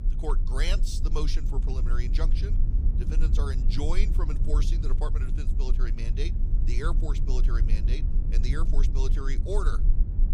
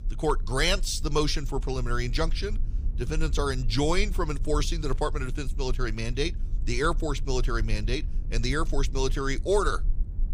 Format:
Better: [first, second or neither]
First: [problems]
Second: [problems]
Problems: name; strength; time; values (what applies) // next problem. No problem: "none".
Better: second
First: low rumble; loud; throughout; 8 dB below the speech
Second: low rumble; faint; throughout; 25 dB below the speech